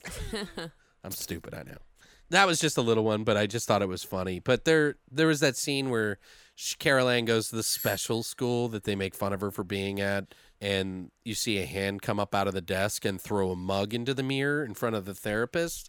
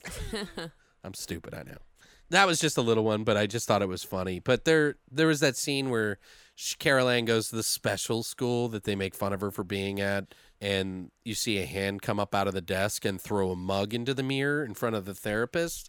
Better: second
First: jangling keys; faint; at 1 s; peak 10 dB below the speech // doorbell; noticeable; at 7.5 s; peak 8 dB below the speech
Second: none

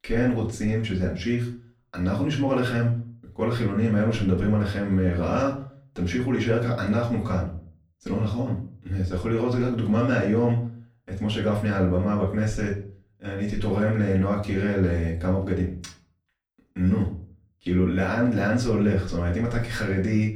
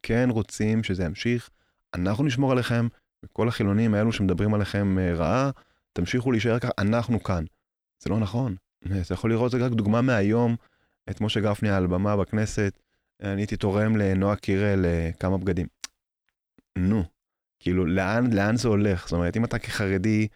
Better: second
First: off-mic speech; far // room echo; slight; dies away in 0.4 s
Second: none

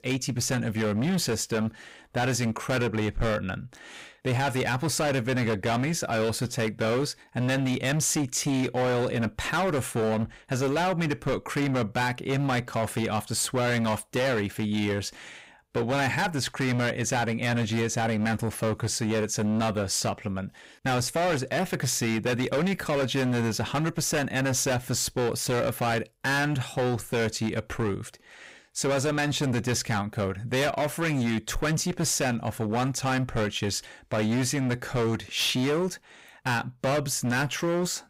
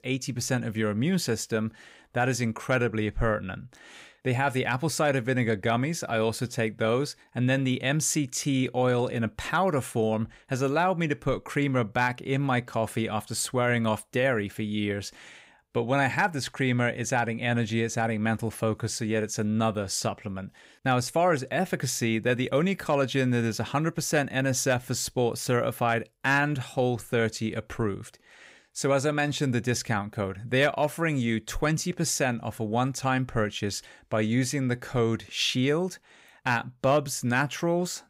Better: second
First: distortion; heavy; 20% of the sound clipped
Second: none

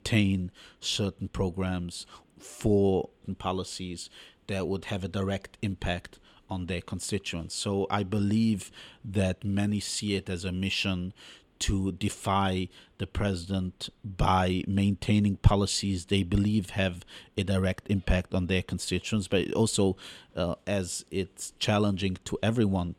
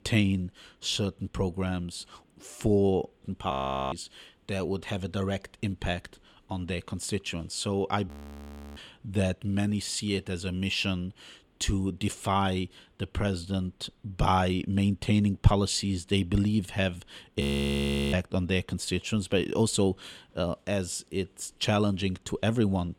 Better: first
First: none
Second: audio freezing; at 3.5 s, at 8 s for 0.5 s and at 17 s for 0.5 s

